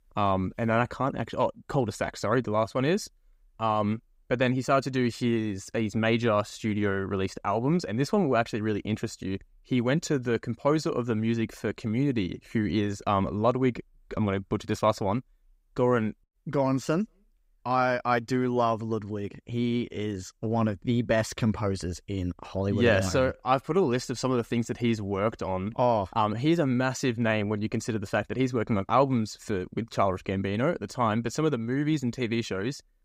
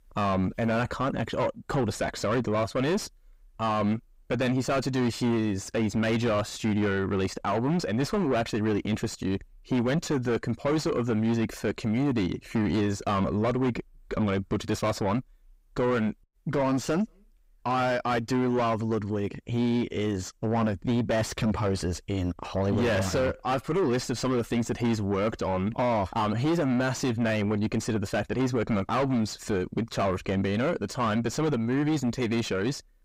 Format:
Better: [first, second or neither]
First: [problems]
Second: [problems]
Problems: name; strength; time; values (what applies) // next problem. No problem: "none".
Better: first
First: none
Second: distortion; heavy; 6 dB below the speech